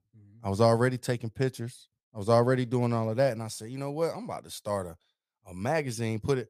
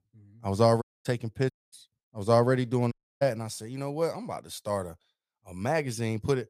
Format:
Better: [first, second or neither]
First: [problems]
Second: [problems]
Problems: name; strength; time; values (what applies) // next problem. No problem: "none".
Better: first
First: none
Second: audio cutting out; at 1 s, at 1.5 s and at 3 s